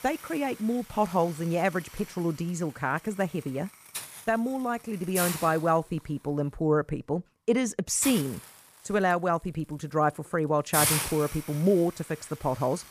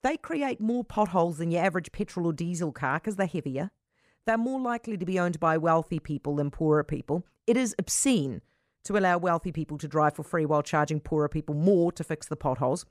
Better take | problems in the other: second | hiss; loud; throughout; 4 dB below the speech

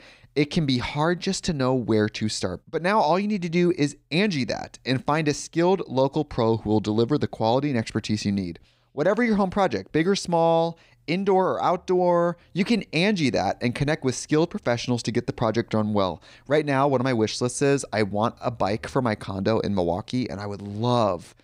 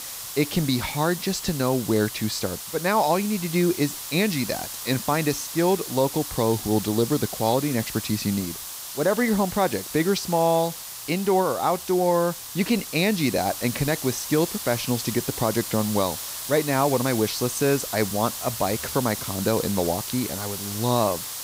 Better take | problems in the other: first | hiss; loud; throughout; 7 dB below the speech

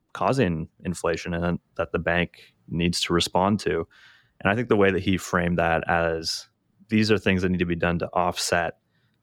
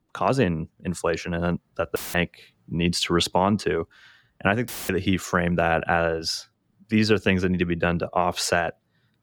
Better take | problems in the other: first | audio cutting out; filled with static; at 2 s and at 4.5 s

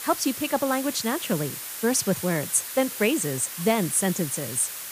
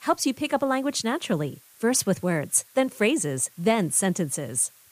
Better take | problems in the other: second | hiss; loud; throughout; 7 dB below the speech; faint in the second

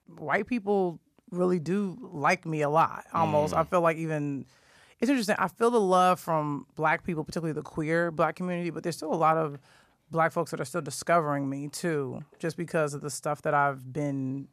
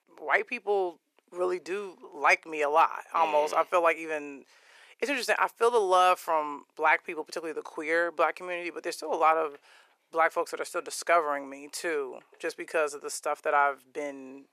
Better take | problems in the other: first | thin; very; fading below 400 Hz

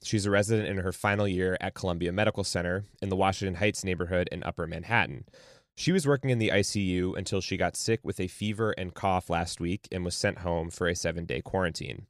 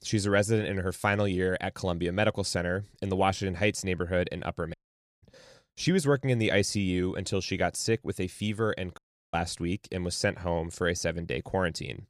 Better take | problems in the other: first | audio cutting out; at 4.5 s and at 9 s

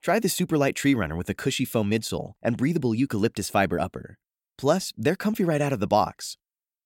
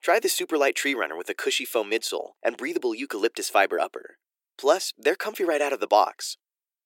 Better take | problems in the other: first | thin; very; fading below 350 Hz

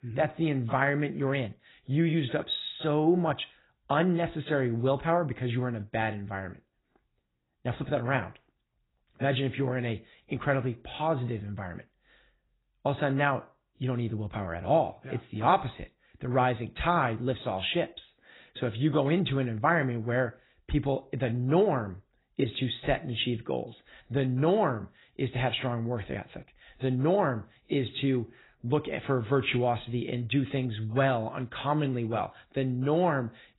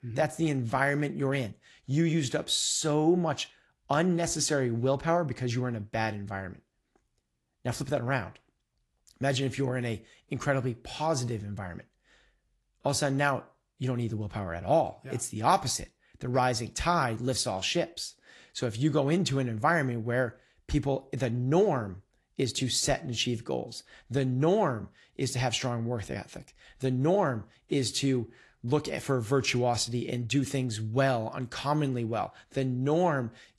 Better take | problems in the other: second | garbled, watery; badly; nothing above 4 kHz; slightly in the second

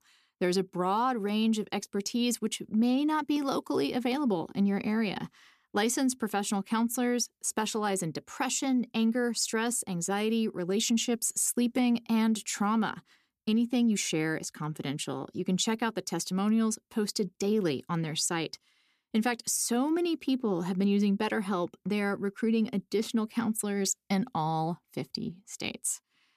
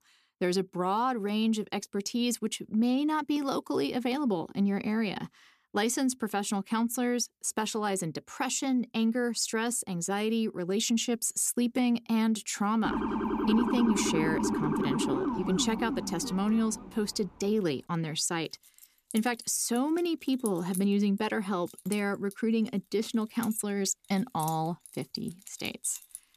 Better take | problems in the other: first | siren; loud; from 13 to 17 s; peak 1 dB above the speech // jangling keys; noticeable; from 19 s on; peak 9 dB below the speech

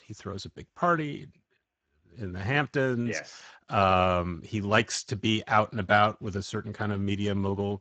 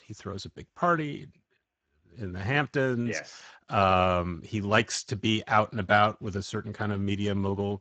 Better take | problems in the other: neither | garbled, watery; badly; nothing above 8 kHz; the same in both

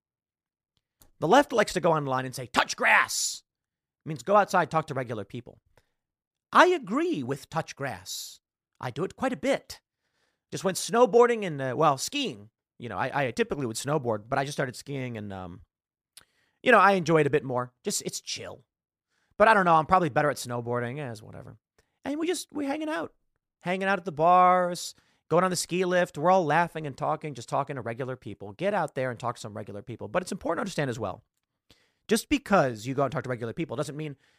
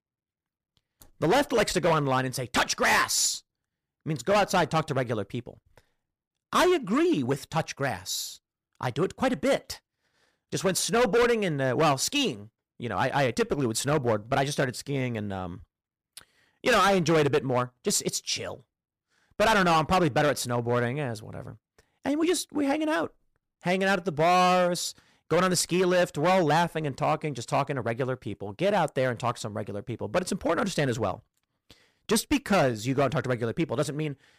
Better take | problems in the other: first | distortion; heavy; 8% of the sound clipped

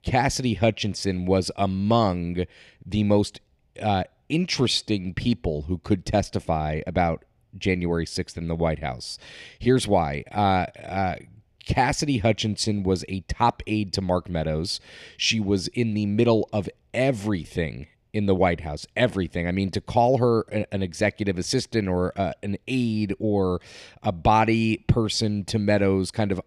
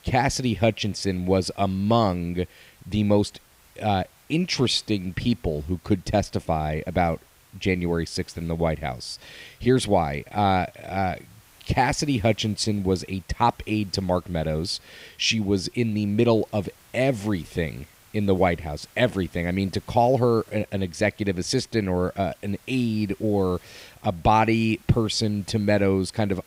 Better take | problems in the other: first | hiss; faint; throughout; 30 dB below the speech

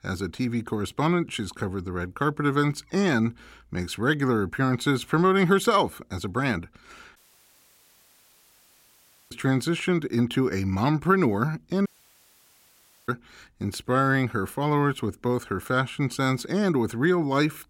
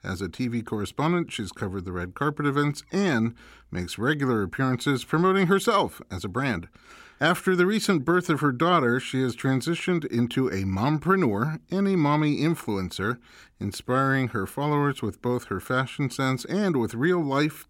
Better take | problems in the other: second | audio cutting out; at 7 s for 2 s and at 12 s for 1 s

